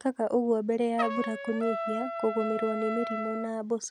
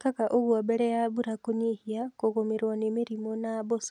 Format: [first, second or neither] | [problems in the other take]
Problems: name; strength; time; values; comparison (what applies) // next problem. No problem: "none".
second | background sound (Trumpet); 6 dB below the speech